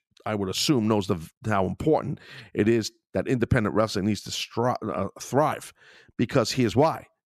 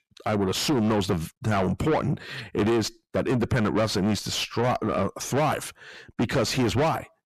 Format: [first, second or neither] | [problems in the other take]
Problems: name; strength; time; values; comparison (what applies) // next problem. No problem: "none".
first | distortion; heavy; 6 dB below the speech